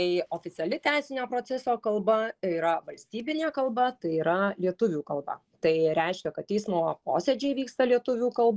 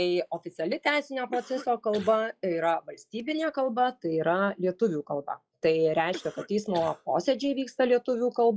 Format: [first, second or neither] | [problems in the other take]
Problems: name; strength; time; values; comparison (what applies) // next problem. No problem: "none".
first | noise reduction (classical method log-MMSE)